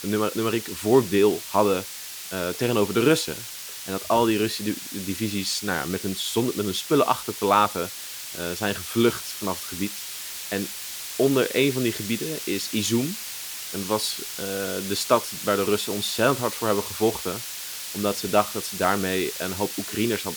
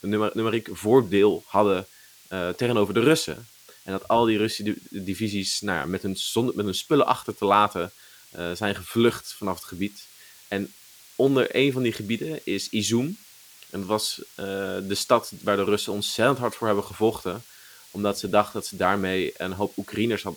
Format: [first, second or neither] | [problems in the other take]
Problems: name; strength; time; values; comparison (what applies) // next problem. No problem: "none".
second | hiss; loud; throughout; 7 dB below the speech; faint in the second